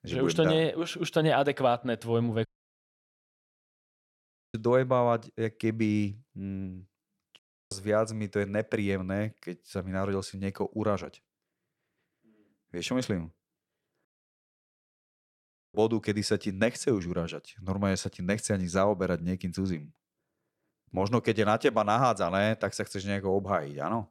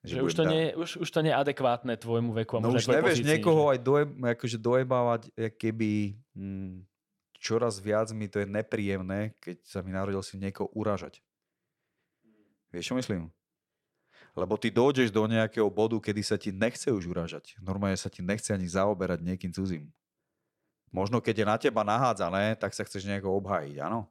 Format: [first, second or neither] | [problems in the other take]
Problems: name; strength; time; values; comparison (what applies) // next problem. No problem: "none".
second | audio cutting out; at 2.5 s for 2 s, at 7.5 s and at 14 s for 1.5 s